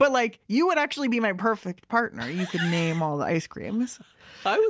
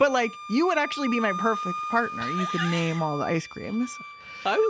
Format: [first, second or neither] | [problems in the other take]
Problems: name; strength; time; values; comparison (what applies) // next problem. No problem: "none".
first | background sound (Wind instrument, woodwind instrument); 9 dB below the speech